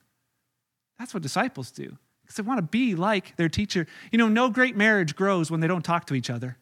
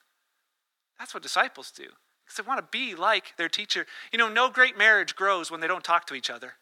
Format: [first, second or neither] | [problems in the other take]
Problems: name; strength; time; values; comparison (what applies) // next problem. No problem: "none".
first | thin; very; fading below 450 Hz